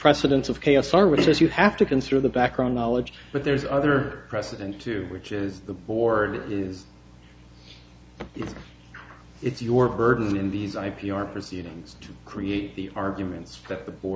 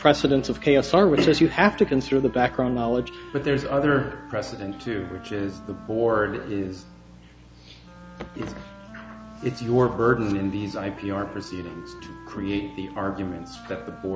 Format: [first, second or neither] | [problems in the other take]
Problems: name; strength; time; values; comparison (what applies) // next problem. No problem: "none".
first | background sound (Wind instrument, woodwind instrument); 19 dB below the speech